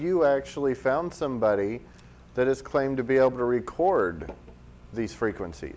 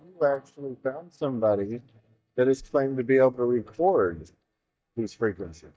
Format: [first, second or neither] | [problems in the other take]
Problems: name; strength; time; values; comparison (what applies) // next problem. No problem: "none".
first | noise reduction (neural mask model DeepFilterNet 3)